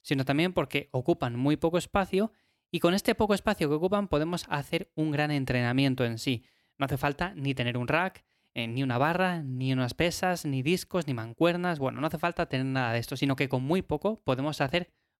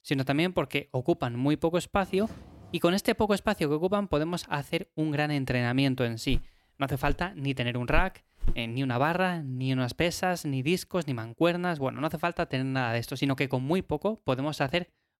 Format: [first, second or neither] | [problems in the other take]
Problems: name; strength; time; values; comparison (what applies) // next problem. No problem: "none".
first | footsteps; faint; at 2 s; peak 20 dB below the speech // footsteps; noticeable; from 6.5 to 8.5 s; peak 9 dB below the speech